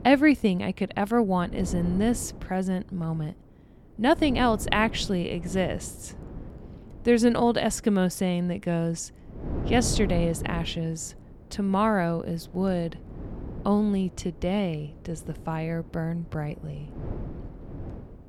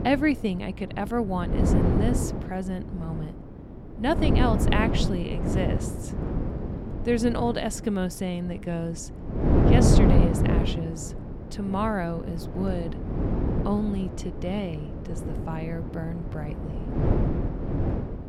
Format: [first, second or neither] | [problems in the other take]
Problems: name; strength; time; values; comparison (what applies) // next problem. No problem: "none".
first | wind noise on the microphone; heavy; 2 dB below the speech; occasional gusts in the first